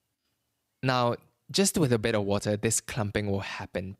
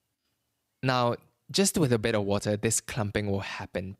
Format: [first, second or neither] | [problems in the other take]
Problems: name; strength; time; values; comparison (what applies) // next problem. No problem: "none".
neither | none